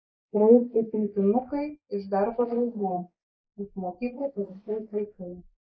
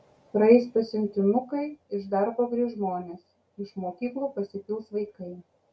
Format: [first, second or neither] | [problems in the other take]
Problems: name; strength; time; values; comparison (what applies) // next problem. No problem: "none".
second | noise reduction (neural mask model Resemble Enhance denoiser)